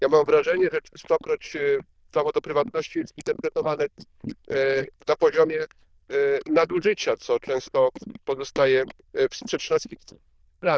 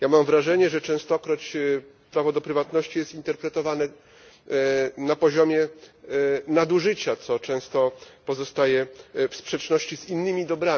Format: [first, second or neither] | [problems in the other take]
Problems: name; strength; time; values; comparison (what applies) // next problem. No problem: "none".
second | noise reduction (neural diffusion model UNIVERSE++)